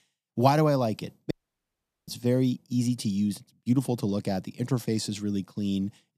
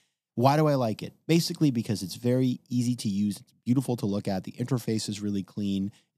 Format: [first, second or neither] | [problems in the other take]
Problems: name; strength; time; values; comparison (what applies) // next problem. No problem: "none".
second | audio cutting out; at 1.5 s for 1 s